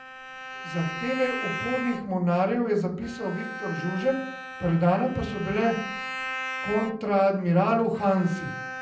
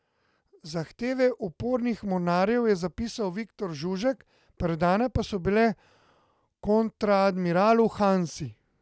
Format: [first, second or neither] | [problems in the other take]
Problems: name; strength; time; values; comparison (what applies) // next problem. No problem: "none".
second | background sound (Bowed string instrument); 10 dB below the speech // room echo; dies away in 0.6 s